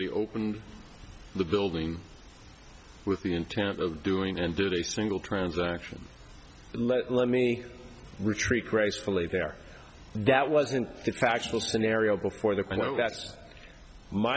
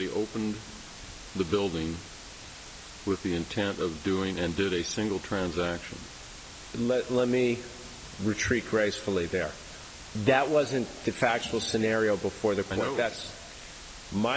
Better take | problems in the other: first | background sound (Water); 16 dB below the speech

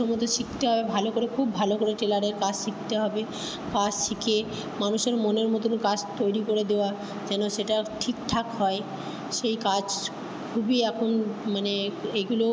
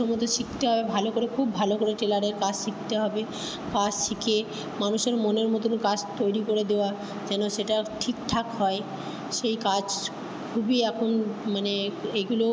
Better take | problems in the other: second | background sound (Brass instrument); 18 dB below the speech

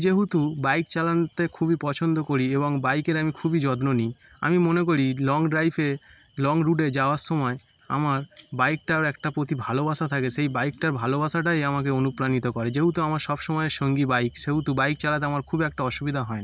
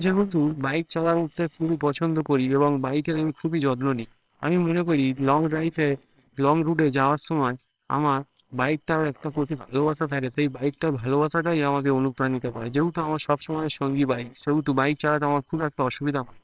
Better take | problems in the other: first | noise reduction (neural separator model SepFormer WHAMR!)

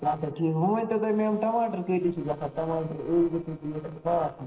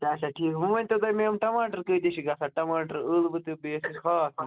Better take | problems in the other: second | noise reduction (neural separator model SepFormer DNS4)

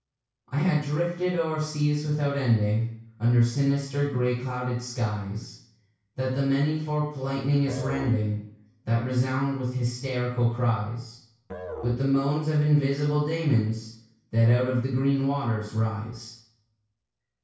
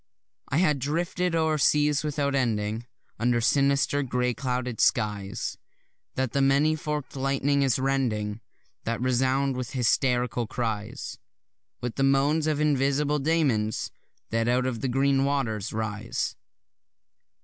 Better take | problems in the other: second | background sound (Musical instrument); 17 dB below the speech // room echo; dies away in 0.6 s

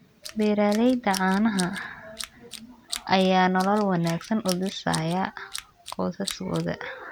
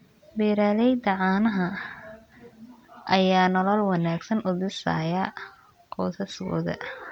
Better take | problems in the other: second | background sound (Tools); 15 dB below the speech

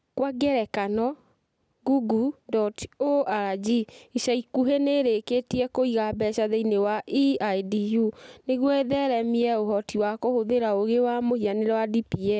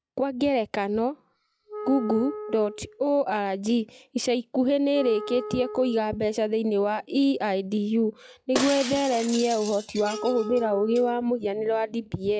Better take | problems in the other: first | noise reduction (classical method log-MMSE)

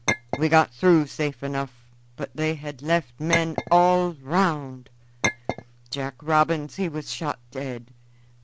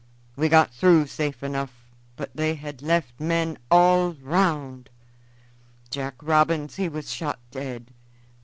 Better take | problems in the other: second | background sound (Chink, clink); 6 dB below the speech

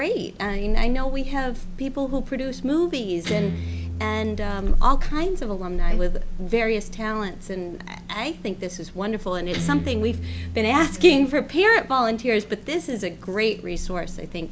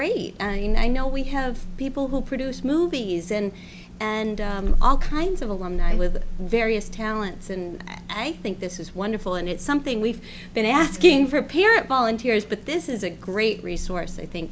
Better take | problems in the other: second | background sound (Guitar); 13 dB below the speech

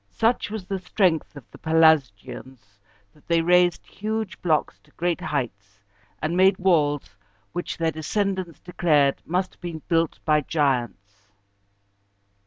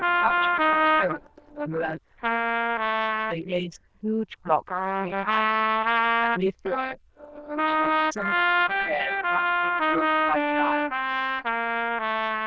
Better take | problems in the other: first | noise reduction (neural diffusion model UNIVERSE++)

